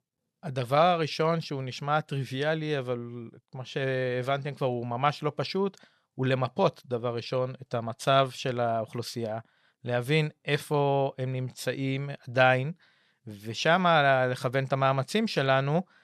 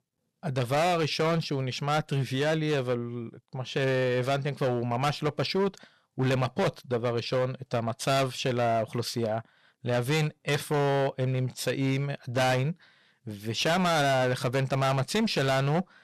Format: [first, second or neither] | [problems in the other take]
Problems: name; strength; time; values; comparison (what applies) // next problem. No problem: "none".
first | distortion; heavy; 15% of the sound clipped